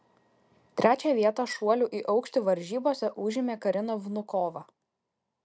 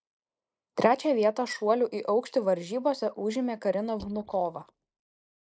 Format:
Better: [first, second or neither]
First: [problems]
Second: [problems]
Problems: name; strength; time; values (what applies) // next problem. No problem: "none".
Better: first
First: none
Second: noise reduction (neural mask model Resemble Enhance denoiser)